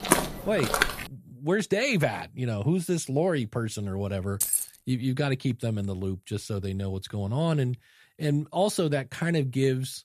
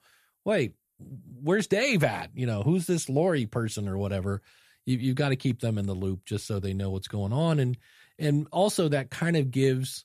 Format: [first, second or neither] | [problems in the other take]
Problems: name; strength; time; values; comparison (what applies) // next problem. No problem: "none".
second | footsteps; loud; at the start; peak 4 dB above the speech // jangling keys; loud; at 4.5 s; peak 3 dB above the speech